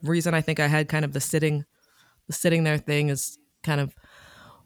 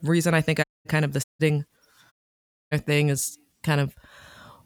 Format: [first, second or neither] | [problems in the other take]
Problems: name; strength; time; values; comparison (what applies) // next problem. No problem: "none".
first | audio cutting out; at 0.5 s, at 1 s and at 2 s for 0.5 s